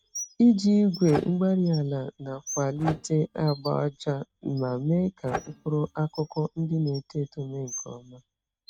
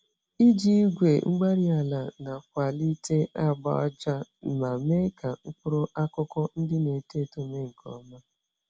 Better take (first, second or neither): second